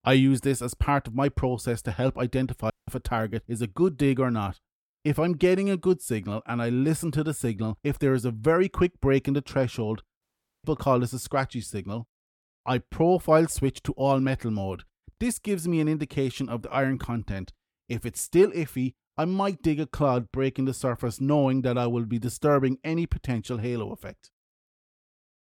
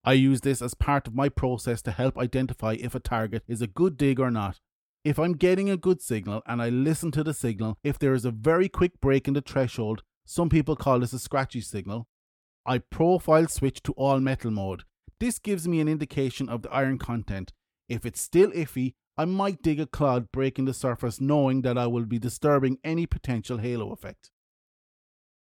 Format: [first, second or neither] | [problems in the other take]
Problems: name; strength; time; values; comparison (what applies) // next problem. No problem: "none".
second | audio cutting out; at 2.5 s and at 10 s